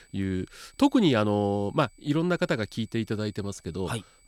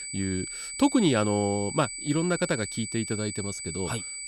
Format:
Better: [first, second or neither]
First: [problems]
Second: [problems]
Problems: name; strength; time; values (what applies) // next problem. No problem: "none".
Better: first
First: high-pitched whine; faint; throughout; 8 kHz, 35 dB below the speech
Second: high-pitched whine; loud; throughout; 8 kHz, 6 dB below the speech